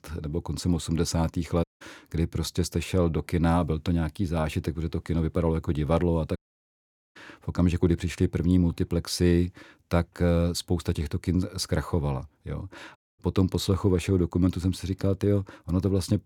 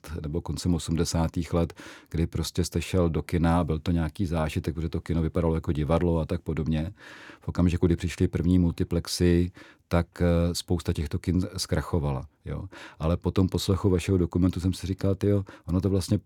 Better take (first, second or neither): second